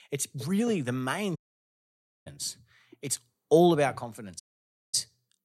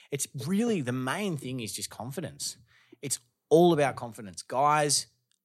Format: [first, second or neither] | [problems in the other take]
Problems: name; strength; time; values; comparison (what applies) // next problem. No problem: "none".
second | audio cutting out; at 1.5 s for 1 s and at 4.5 s for 0.5 s